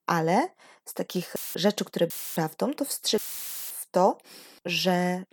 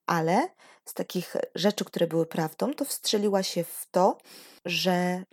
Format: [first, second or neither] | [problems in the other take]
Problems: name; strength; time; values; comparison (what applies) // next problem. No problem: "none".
second | audio cutting out; filled with static; at 1.5 s, at 2 s and at 3 s for 0.5 s